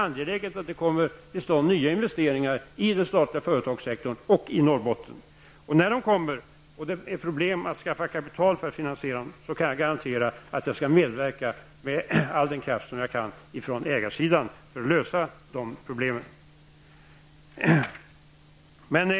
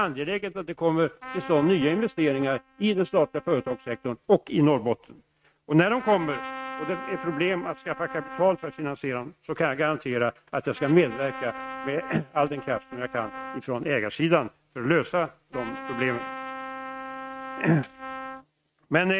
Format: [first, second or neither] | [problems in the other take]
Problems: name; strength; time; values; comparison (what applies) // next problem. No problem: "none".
first | noise reduction (neural mask model RNNoise)